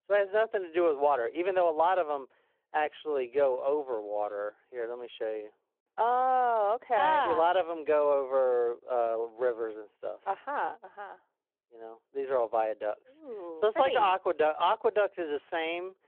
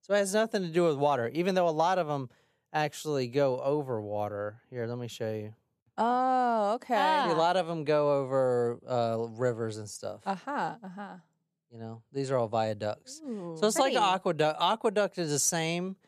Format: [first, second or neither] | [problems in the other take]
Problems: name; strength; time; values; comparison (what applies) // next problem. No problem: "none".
second | phone-call audio